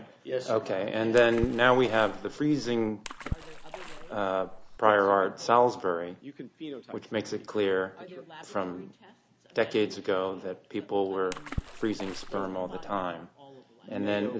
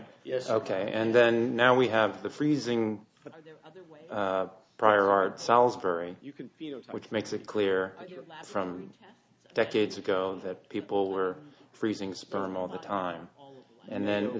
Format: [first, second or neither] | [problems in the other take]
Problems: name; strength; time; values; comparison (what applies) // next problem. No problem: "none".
second | background sound (Water / Splash, splatter); 11 dB below the speech